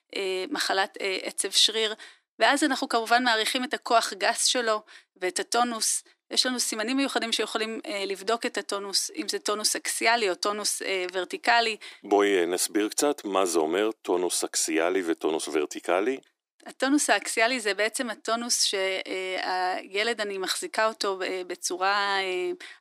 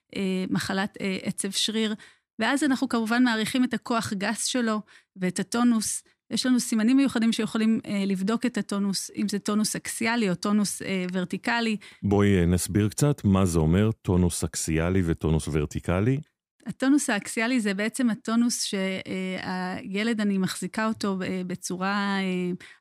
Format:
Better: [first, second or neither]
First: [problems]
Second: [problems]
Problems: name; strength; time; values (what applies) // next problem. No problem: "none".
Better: second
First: thin; very; fading below 300 Hz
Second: none